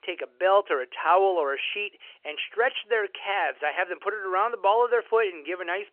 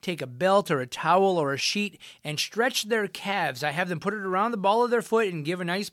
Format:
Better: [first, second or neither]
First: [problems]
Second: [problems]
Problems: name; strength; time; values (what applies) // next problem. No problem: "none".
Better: second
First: phone-call audio; nothing above 3 kHz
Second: none